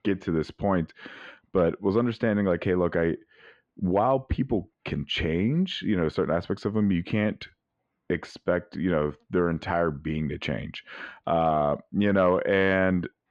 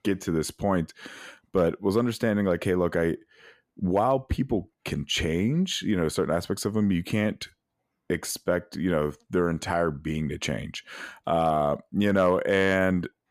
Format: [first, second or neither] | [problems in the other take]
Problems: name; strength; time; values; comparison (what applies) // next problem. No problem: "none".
second | muffled; slightly; fading above 3.5 kHz